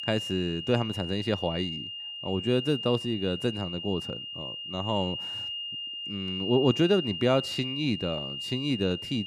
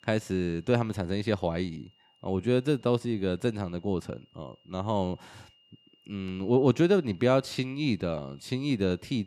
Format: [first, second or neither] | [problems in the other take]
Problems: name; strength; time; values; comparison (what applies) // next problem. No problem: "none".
second | high-pitched whine; loud; throughout; 3 kHz, 5 dB below the speech; faint in the second